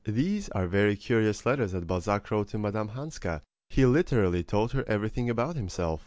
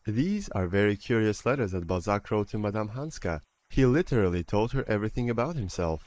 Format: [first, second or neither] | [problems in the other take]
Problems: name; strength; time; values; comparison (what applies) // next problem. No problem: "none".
first | noise reduction (neural mask model Resemble Enhance denoiser)